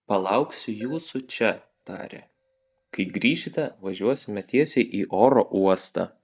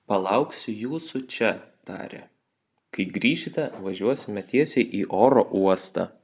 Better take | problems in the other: second | noise reduction (neural mask model DeepFilterNet 3)

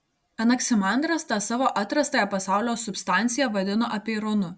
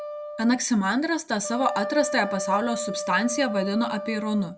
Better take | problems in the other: first | background sound (Wind instrument, woodwind instrument); 8 dB below the speech

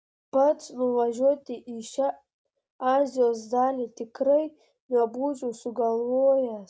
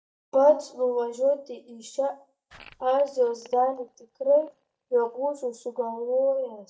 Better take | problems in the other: first | noise reduction (neural mask model DeepFilterNet 3)

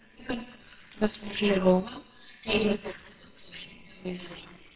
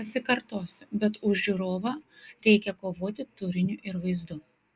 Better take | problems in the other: second | noise reduction (neural separator model SepFormer WHAMR!)

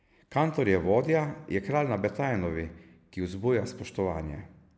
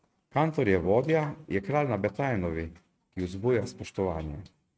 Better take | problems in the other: first | noise reduction (neural mask model RNNoise)

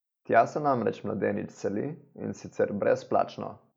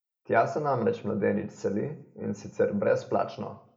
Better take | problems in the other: first | room echo; dies away in 0.5 s

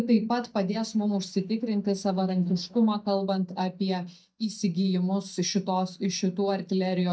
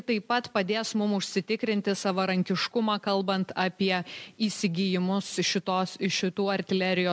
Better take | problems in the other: second | noise reduction (neural mask model DeepFilterNet 3)

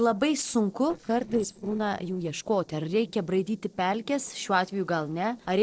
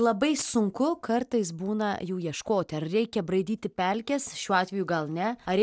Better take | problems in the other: second | noise reduction (neural separator model SepFormer DNS4)

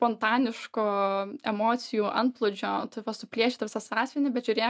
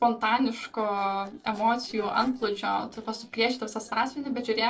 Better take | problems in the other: first | noise reduction (neural separator model SepFormer DNS4)

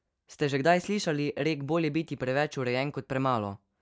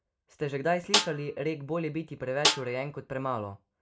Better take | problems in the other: first | background sound (Snare drum); 1 dB above the speech // room echo; dies away in 0.2 s

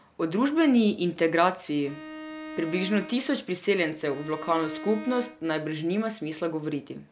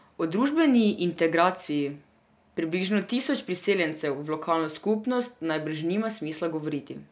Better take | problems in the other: second | background sound (Bowed string instrument); 13 dB below the speech

